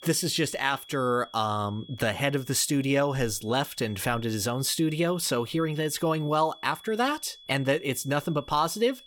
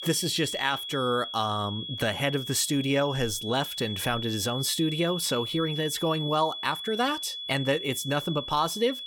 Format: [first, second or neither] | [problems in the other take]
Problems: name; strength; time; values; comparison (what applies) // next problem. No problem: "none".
first | high-pitched whine; loud; throughout; 3.5 kHz, 6 dB below the speech; faint in the first